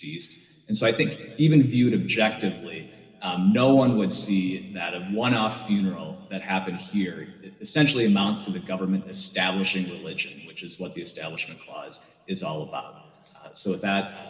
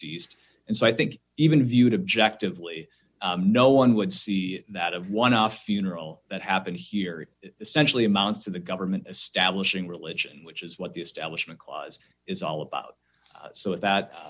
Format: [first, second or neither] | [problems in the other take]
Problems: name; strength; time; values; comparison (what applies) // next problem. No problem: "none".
second | room echo; dies away in 2.5 s